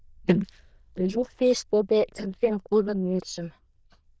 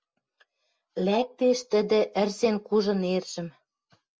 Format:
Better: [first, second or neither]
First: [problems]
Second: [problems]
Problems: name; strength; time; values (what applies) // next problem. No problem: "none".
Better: second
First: noise reduction (neural diffusion model UNIVERSE++)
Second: none